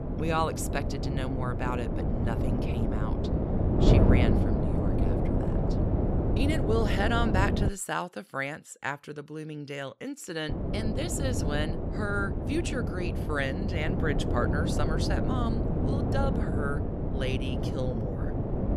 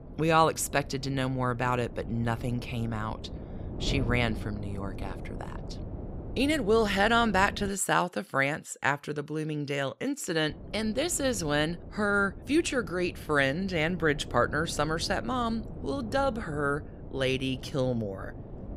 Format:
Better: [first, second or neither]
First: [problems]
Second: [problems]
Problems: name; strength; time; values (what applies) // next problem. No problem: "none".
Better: second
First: wind noise on the microphone; heavy; until 7.5 s and from 10 s on; 2 dB below the speech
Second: wind noise on the microphone; occasional gusts; until 7.5 s and from 10 s on; 20 dB below the speech